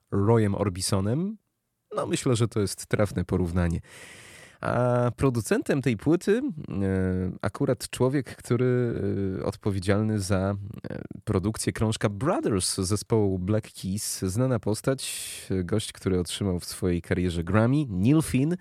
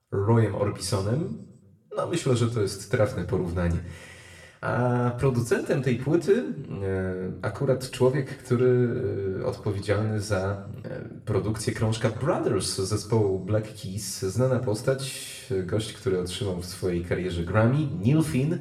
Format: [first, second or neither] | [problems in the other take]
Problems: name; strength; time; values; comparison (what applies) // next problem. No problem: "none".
first | room echo; slight; dies away in 0.6 s // off-mic speech; somewhat distant